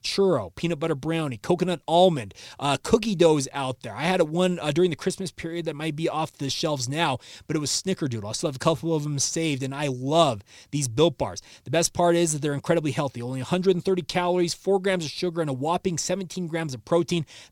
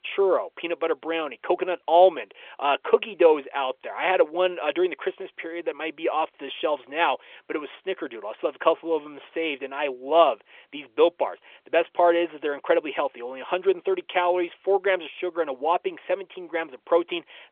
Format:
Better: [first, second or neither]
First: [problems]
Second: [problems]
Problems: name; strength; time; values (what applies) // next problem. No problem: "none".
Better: first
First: none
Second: phone-call audio; nothing above 3.5 kHz